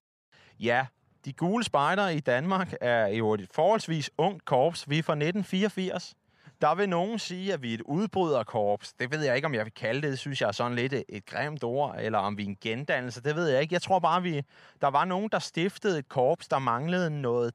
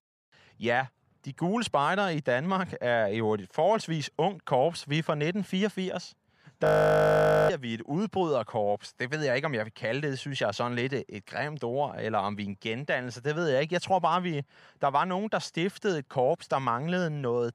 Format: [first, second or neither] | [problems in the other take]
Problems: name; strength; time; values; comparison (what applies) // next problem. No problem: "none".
first | audio freezing; at 6.5 s for 1 s